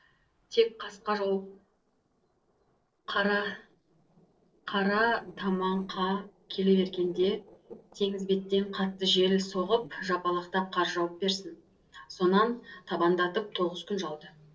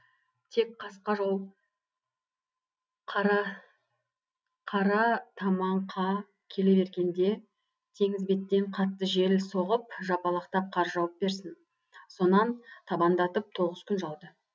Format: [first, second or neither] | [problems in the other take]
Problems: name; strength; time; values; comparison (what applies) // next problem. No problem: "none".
second | noise reduction (neural separator model SepFormer DNS4)